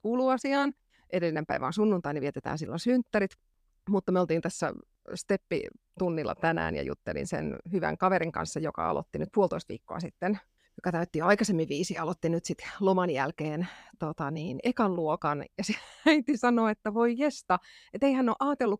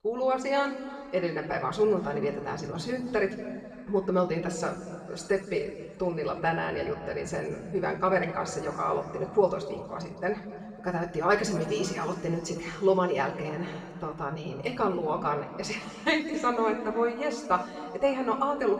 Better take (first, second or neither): first